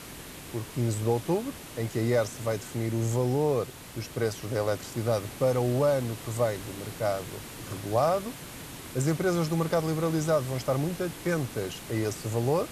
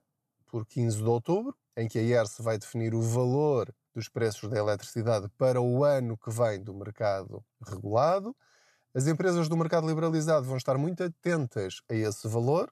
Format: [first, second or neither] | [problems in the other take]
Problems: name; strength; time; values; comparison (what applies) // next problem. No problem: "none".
second | hiss; noticeable; throughout; 10 dB below the speech